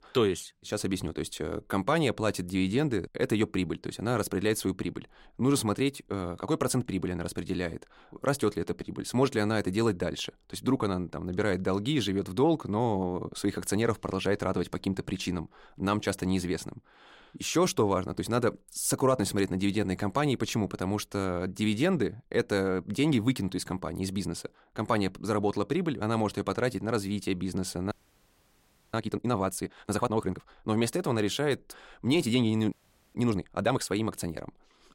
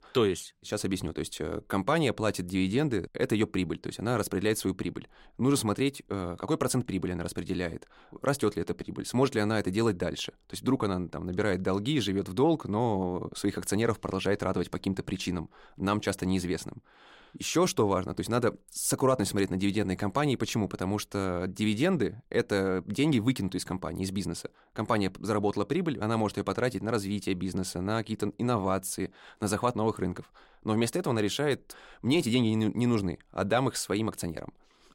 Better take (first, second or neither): second